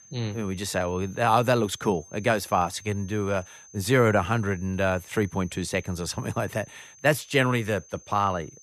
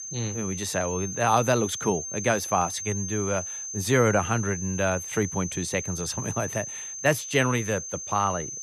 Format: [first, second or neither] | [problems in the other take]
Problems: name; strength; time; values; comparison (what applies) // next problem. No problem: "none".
first | high-pitched whine; loud; throughout; 6 kHz, 6 dB below the speech; faint in the first